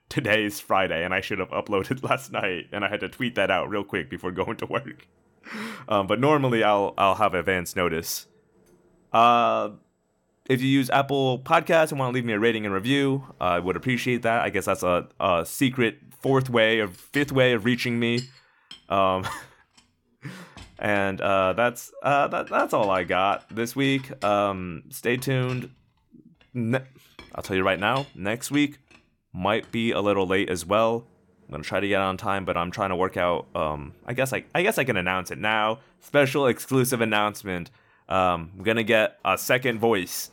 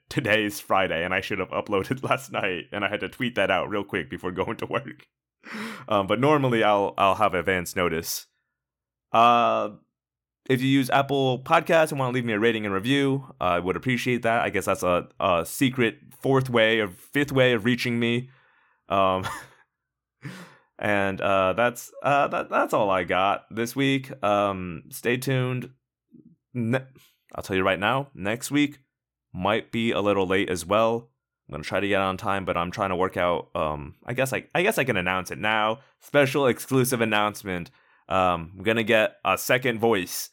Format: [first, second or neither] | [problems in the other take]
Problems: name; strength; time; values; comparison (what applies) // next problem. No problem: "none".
second | household noises; faint; throughout; 25 dB below the speech